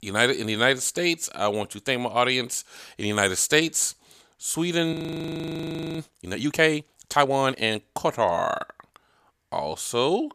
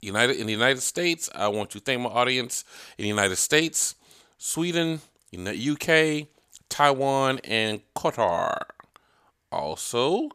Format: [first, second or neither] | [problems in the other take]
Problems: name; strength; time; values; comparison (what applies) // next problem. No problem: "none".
second | audio freezing; at 5 s for 1 s